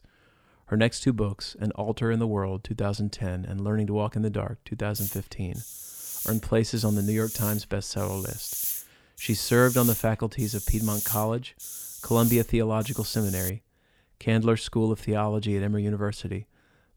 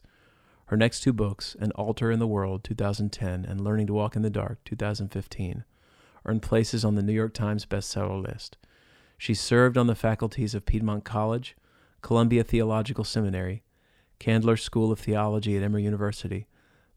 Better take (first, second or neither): second